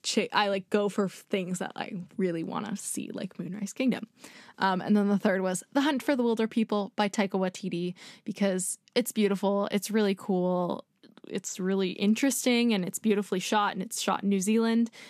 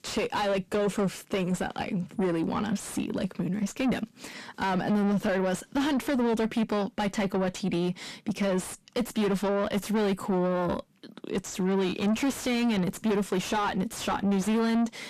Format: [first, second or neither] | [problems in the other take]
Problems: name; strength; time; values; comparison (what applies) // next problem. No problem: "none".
first | distortion; heavy; 6 dB below the speech